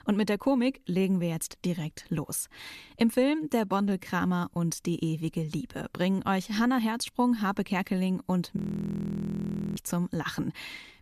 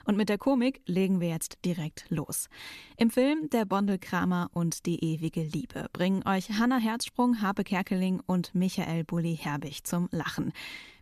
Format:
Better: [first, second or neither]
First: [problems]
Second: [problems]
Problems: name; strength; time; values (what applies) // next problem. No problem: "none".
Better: second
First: audio freezing; at 8.5 s for 1 s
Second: none